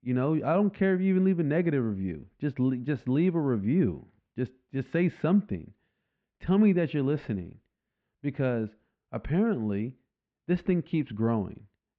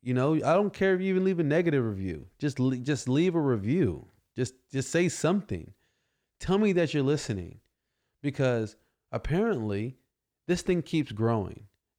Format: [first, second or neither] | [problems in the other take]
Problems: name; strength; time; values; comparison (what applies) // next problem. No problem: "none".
second | muffled; very; fading above 3 kHz